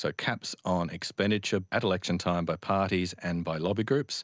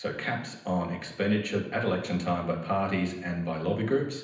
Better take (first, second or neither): first